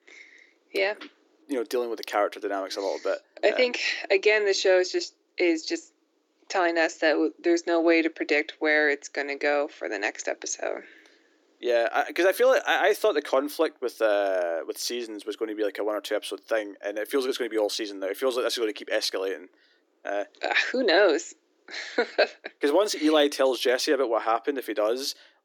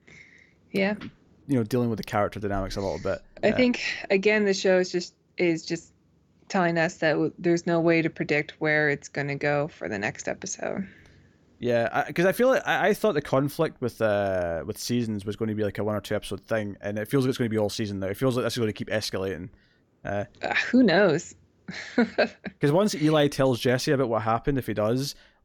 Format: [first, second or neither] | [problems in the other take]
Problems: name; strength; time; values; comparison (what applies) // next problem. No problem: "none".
second | thin; somewhat; fading below 300 Hz